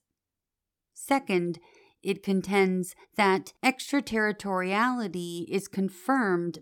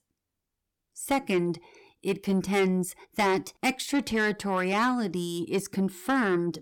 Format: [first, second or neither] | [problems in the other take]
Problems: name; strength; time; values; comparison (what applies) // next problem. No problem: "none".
first | distortion; slight; 10 dB below the speech